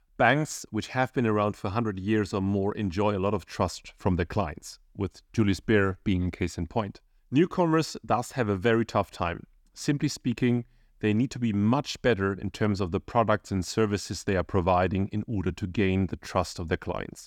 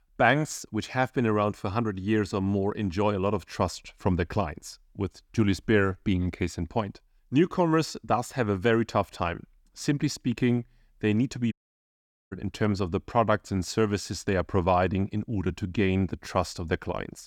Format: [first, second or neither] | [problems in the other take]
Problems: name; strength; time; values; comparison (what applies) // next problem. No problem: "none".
first | audio cutting out; at 12 s for 1 s